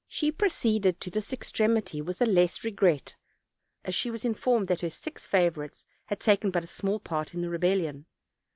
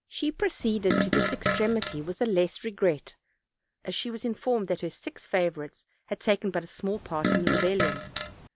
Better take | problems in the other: first | background sound (Fart); 1 dB above the speech

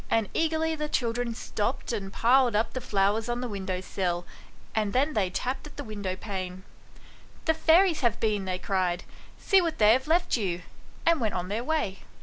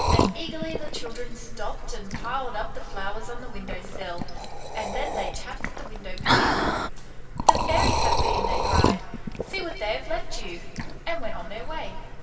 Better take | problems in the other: first | background sound (Liquid); 2 dB above the speech // room echo; dies away in 2.7 s

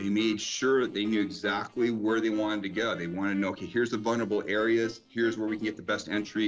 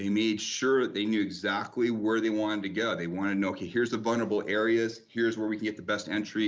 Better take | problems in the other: second | noise reduction (neural separator model SepFormer DNS4)

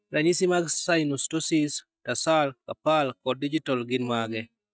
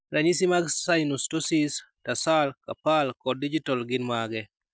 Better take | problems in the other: second | noise reduction (neural mask model DeepFilterNet 3)

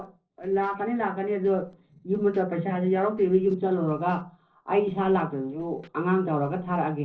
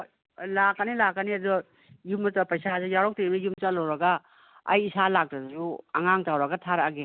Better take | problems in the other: second | noise reduction (neural separator model SepFormer DNS4)

